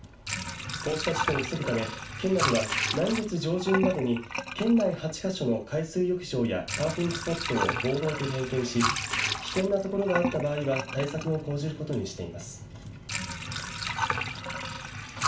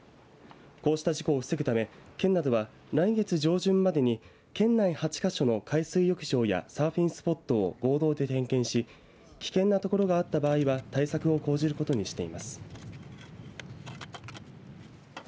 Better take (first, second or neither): second